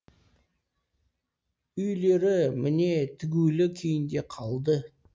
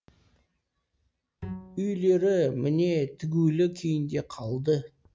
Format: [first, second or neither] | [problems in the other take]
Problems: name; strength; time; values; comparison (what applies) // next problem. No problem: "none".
first | background sound (Bowed string instrument); 18 dB below the speech